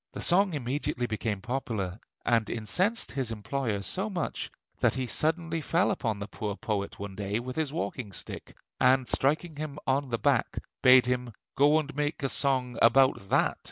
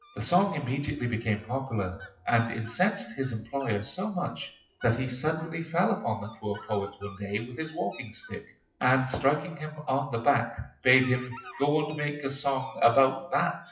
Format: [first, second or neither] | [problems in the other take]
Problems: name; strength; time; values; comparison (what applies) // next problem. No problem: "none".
first | noise reduction (classical method WPE with log-MMSE)